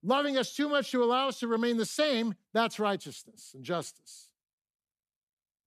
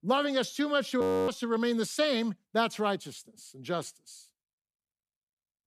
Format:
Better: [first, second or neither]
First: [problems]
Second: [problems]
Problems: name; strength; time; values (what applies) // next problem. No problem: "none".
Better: first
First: none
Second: audio freezing; at 1 s